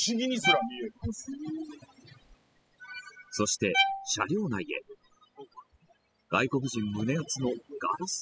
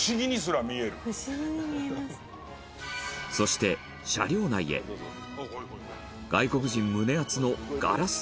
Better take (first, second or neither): second